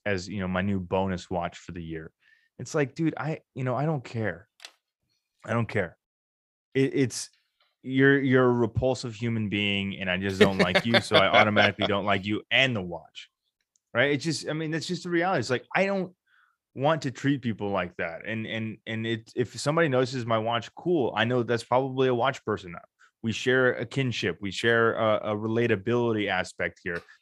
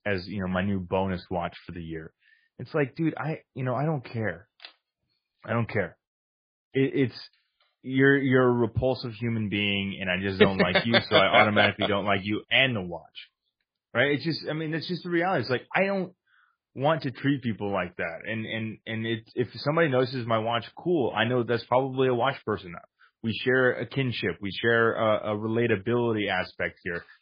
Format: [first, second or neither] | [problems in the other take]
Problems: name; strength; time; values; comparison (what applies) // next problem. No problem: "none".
first | garbled, watery; badly; nothing above 4.5 kHz